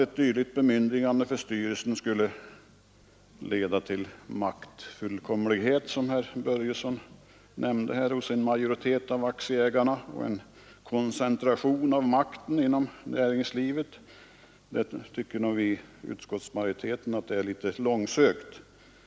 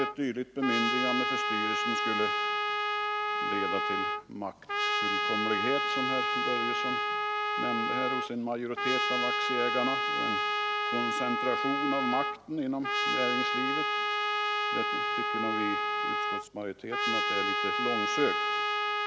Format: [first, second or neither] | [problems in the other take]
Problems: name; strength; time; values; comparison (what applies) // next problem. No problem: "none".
first | background sound (Trumpet); 5 dB above the speech